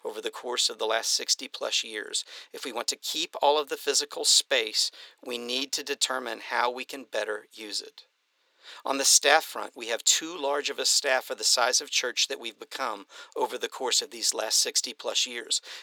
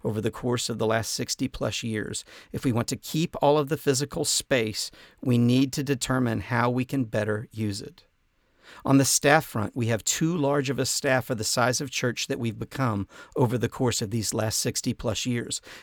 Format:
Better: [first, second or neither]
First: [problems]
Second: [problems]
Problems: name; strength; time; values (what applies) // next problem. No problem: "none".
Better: second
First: thin; very; fading below 400 Hz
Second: none